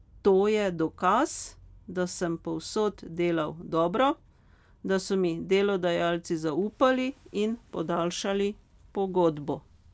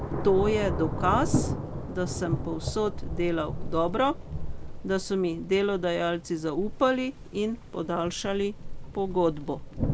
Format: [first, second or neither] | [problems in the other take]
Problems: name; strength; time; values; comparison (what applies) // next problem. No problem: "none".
first | background sound (Thunder / Rain); 4 dB below the speech